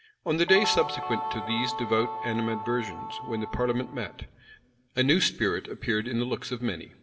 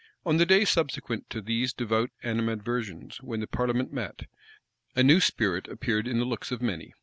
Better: second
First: background sound (Guitar); 6 dB below the speech // room echo; dies away in 0.5 s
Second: none

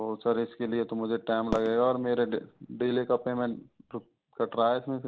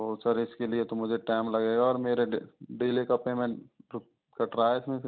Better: second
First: background sound (Fireworks); 13 dB below the speech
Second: none

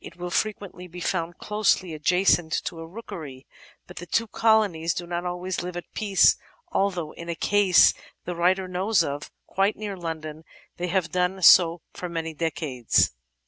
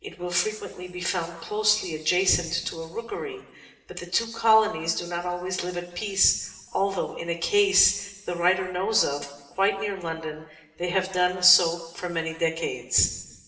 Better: first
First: none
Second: room echo; dies away in 1.1 s

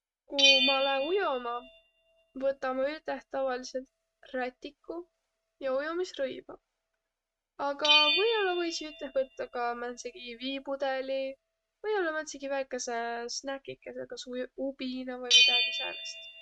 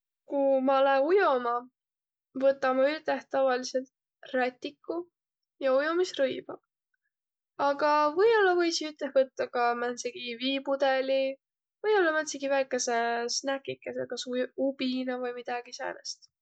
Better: second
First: noise reduction (neural mask model RNNoise)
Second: none

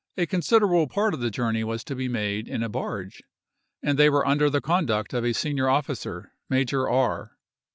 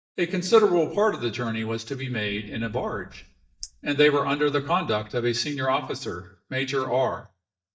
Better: first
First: none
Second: noise reduction (neural mask model DeepFilterNet 3)

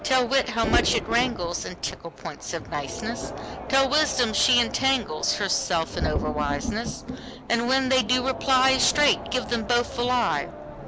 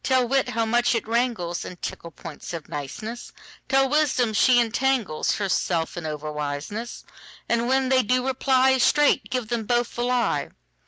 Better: second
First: background sound (Thunder + Crowd); 8 dB below the speech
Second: none

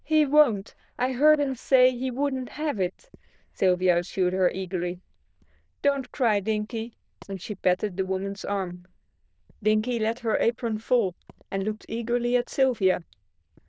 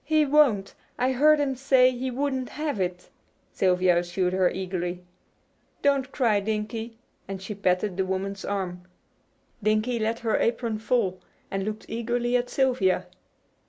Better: second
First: noise reduction (neural diffusion model UNIVERSE++)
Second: none

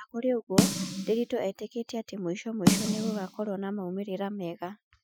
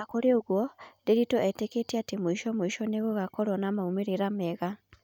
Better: second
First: noise reduction (classical method Wiener filter)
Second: none

